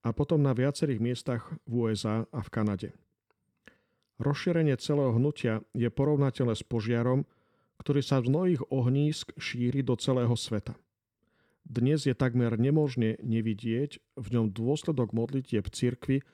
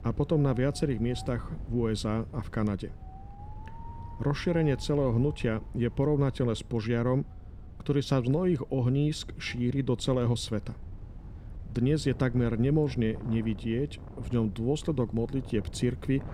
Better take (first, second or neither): first